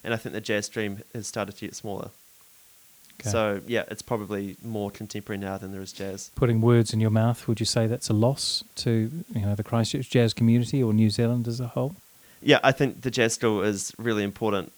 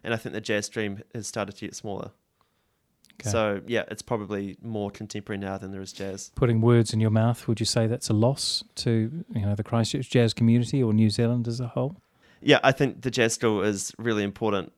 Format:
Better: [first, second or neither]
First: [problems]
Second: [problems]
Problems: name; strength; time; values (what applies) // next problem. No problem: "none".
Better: second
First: hiss; faint; throughout; 25 dB below the speech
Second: none